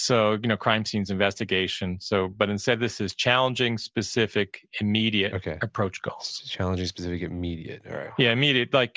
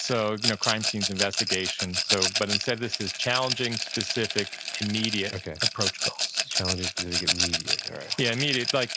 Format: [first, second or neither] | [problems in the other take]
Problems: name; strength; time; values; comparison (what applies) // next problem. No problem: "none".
first | background sound (Rattle); as loud as the speech